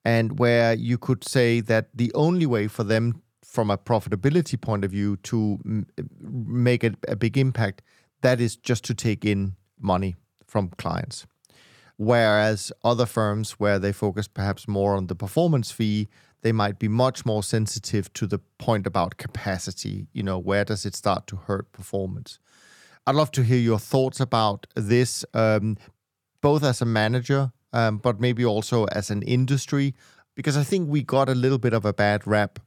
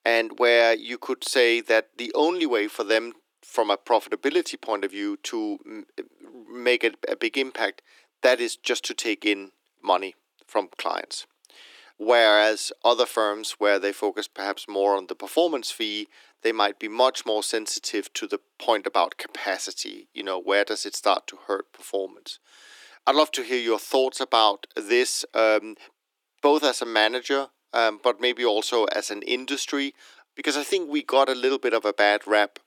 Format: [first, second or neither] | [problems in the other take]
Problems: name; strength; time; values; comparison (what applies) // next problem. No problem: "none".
first | thin; very; fading below 300 Hz